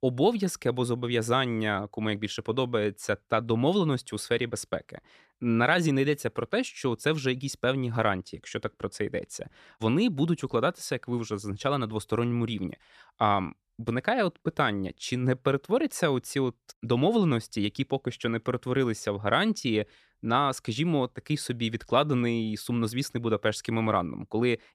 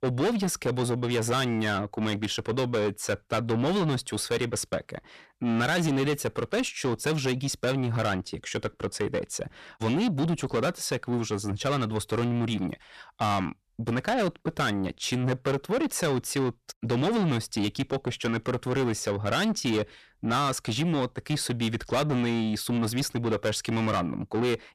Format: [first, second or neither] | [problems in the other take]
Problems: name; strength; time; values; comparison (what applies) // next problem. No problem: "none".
first | distortion; heavy; 7 dB below the speech